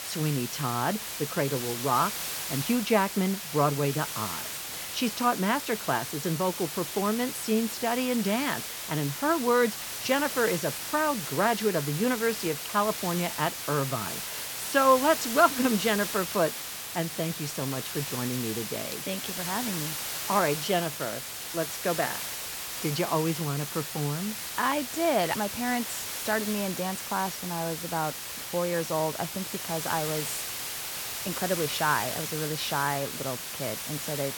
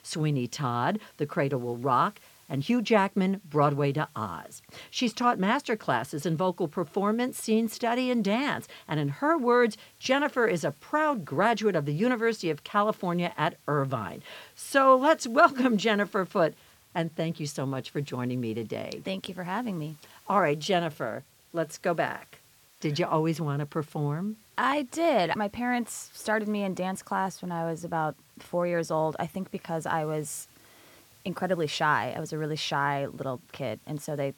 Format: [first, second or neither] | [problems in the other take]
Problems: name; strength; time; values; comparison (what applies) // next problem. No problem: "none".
second | hiss; loud; throughout; 4 dB below the speech; faint in the second